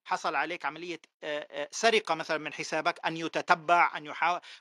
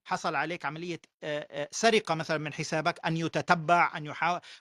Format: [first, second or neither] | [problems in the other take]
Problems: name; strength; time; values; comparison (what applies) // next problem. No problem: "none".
second | thin; somewhat; fading below 300 Hz